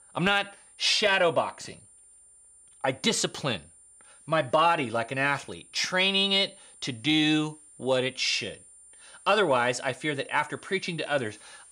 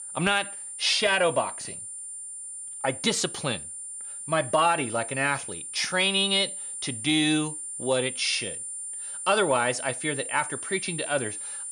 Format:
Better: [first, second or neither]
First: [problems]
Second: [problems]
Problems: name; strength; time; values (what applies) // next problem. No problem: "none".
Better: first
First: high-pitched whine; faint; throughout; 9 kHz, 25 dB below the speech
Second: high-pitched whine; loud; throughout; 9 kHz, 8 dB below the speech